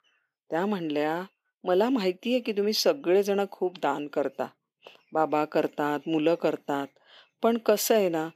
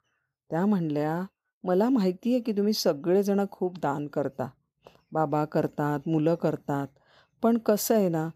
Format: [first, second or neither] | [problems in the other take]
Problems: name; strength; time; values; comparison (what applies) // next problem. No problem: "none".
second | thin; very slightly; fading below 350 Hz